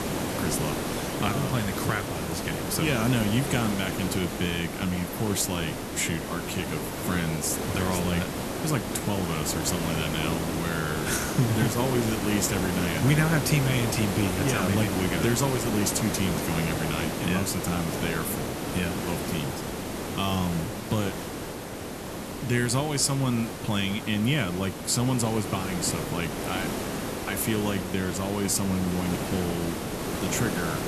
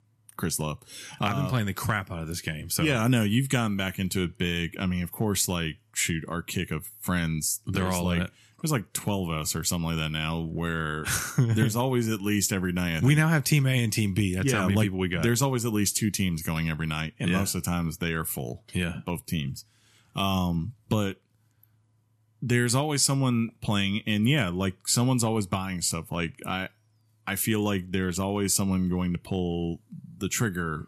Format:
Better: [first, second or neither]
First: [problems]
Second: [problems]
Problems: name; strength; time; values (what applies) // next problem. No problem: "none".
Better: second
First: hiss; loud; throughout; 3 dB below the speech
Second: none